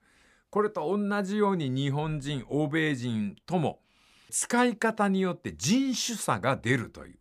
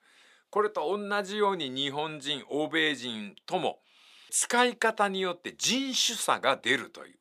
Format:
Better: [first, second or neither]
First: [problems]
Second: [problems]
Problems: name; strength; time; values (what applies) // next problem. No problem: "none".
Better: first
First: none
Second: thin; somewhat; fading below 400 Hz